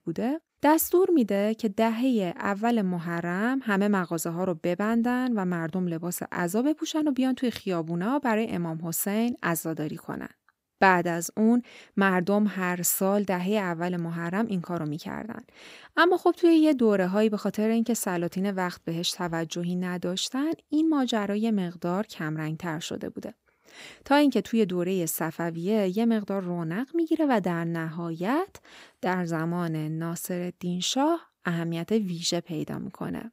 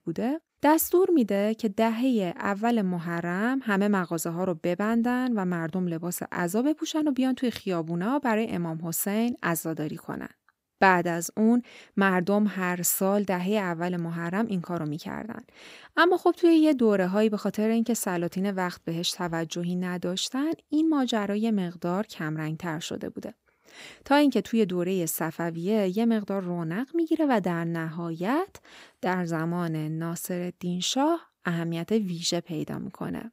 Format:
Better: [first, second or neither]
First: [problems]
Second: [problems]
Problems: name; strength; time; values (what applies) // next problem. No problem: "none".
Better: neither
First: none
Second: none